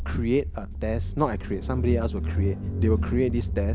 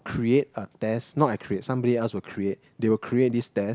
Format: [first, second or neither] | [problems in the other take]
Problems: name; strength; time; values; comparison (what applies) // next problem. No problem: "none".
second | background sound (Engine / Car); as loud as the speech